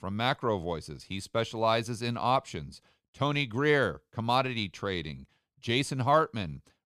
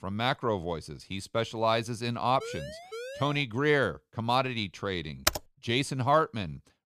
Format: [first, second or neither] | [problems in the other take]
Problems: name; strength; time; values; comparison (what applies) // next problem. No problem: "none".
first | siren; faint; from 2.5 to 3.5 s; peak 10 dB below the speech // keyboard typing; loud; at 5.5 s; peak level with the speech